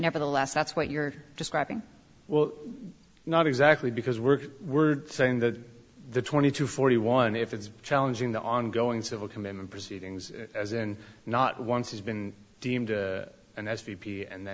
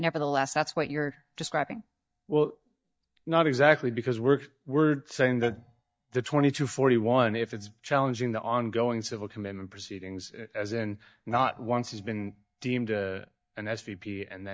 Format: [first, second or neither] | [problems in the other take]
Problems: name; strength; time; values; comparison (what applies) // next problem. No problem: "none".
first | noise reduction (neural mask model DeepFilterNet 3)